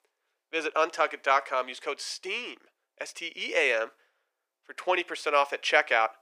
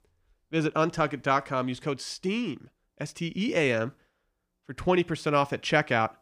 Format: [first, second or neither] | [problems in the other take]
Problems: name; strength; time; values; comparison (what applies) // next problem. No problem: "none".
second | thin; very; fading below 450 Hz